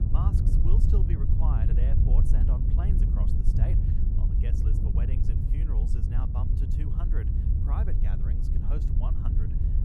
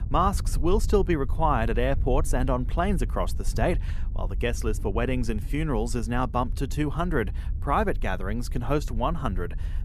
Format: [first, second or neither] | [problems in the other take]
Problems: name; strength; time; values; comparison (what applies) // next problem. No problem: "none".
second | wind noise on the microphone; heavy; 3 dB above the speech; occasional gusts in the second